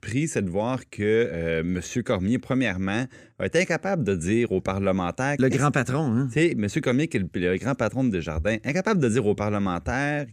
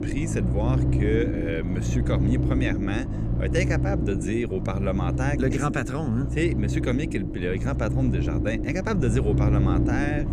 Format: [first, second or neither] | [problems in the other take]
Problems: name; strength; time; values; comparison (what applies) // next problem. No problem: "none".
first | low rumble; loud; throughout; 4 dB below the speech